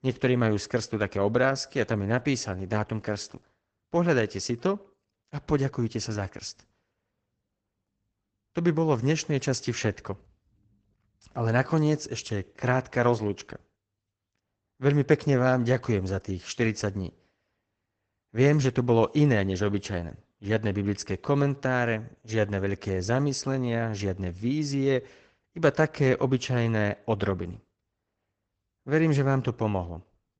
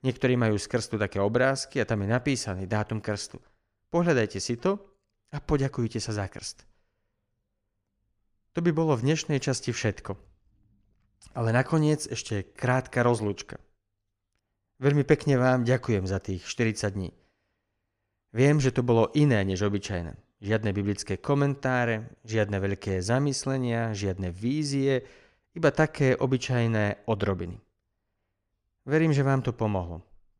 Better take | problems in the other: second | garbled, watery; badly; nothing above 7.5 kHz

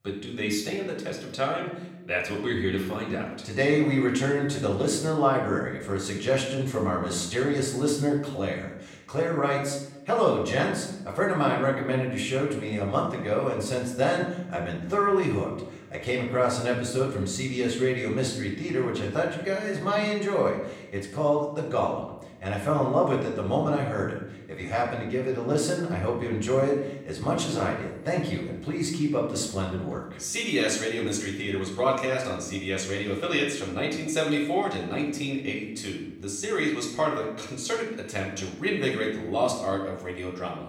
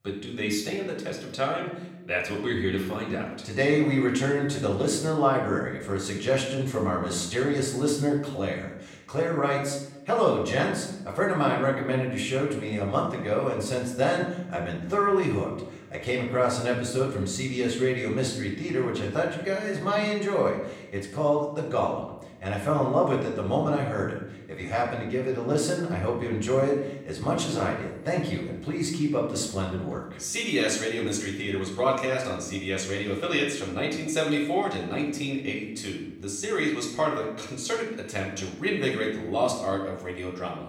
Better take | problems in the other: neither | off-mic speech; far; the same in both // room echo; noticeable; dies away in 0.8 s; the same in both

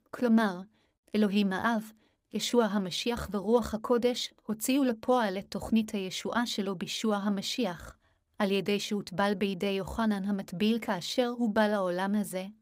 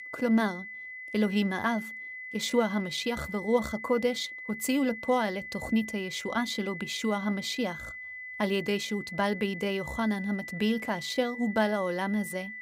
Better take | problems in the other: first | high-pitched whine; loud; throughout; 2 kHz, 9 dB below the speech

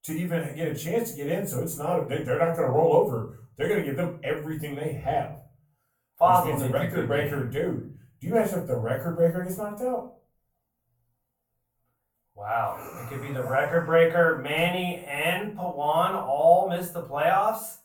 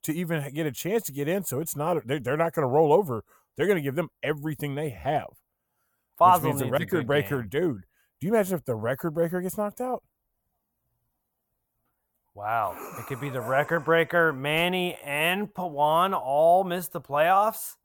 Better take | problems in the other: second | off-mic speech; far // room echo; slight; dies away in 0.4 s

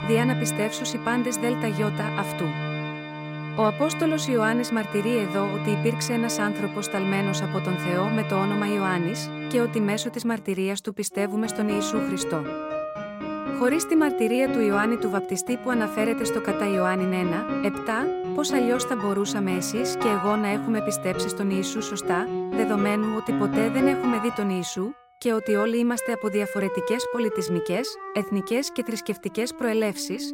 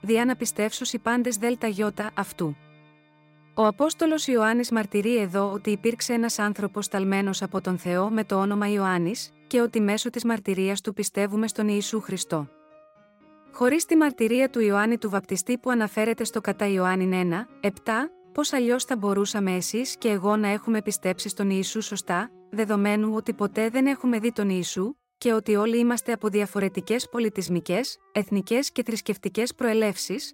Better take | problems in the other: second | background music; loud; throughout; 4 dB below the speech; faint in the second

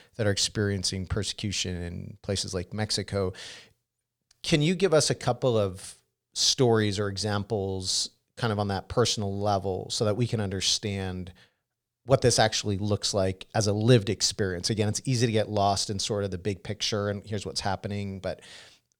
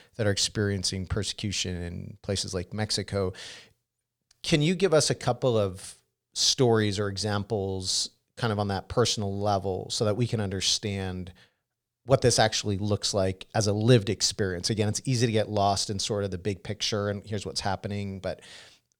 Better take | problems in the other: neither | none

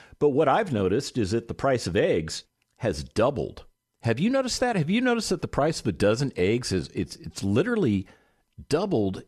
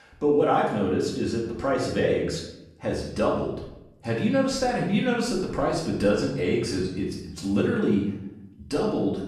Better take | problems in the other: first | off-mic speech; far // room echo; noticeable; dies away in 0.7 s

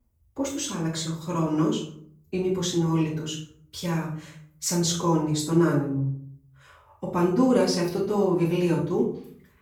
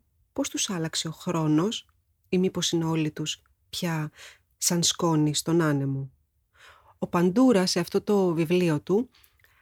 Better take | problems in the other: second | off-mic speech; far // room echo; noticeable; dies away in 0.5 s

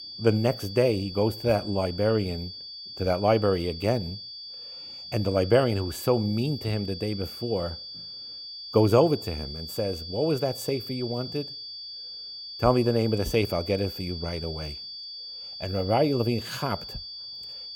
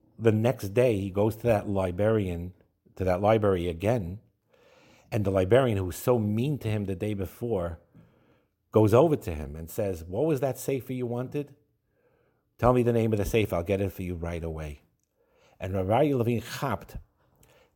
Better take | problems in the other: second | high-pitched whine; noticeable; throughout; 4.5 kHz, 10 dB below the speech

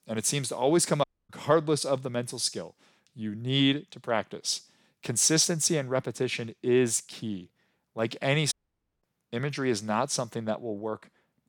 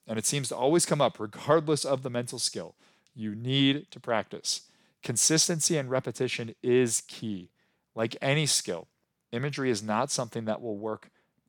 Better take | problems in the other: second | audio cutting out; at 1 s and at 8.5 s for 0.5 s

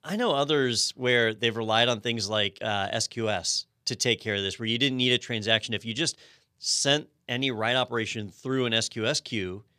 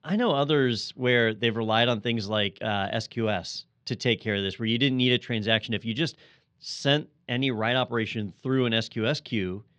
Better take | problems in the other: first | muffled; slightly; fading above 4 kHz

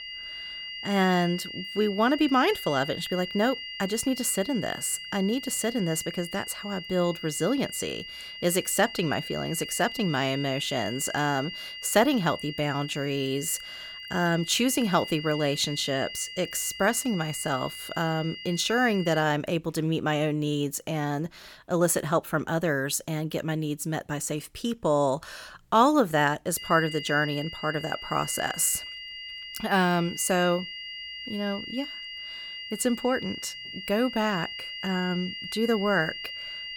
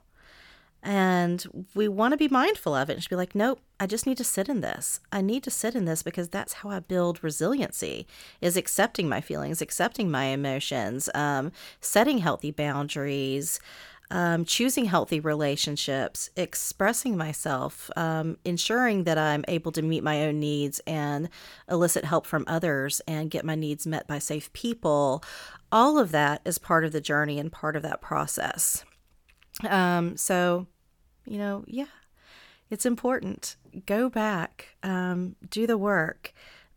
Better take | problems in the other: second | high-pitched whine; loud; until 19 s and from 27 s on; 3 kHz, 9 dB below the speech

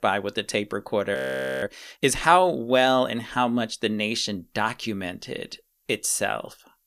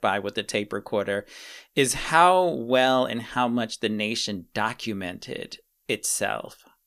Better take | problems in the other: second | audio freezing; at 1 s

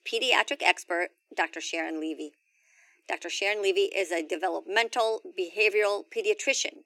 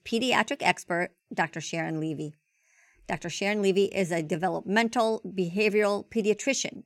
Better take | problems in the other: second | thin; very; fading below 300 Hz

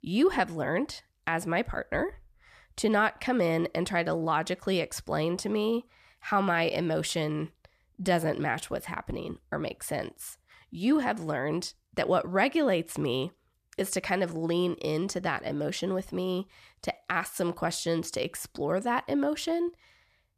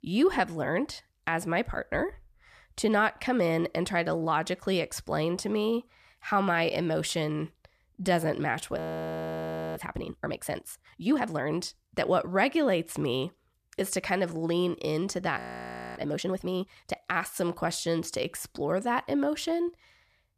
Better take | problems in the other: first | audio freezing; at 9 s for 1 s and at 15 s for 0.5 s

